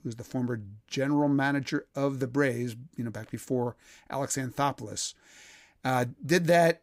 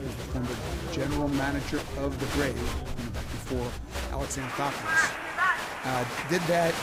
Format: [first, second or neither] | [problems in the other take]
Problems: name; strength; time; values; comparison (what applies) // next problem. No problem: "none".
first | crowd noise; very loud; throughout; 1 dB above the speech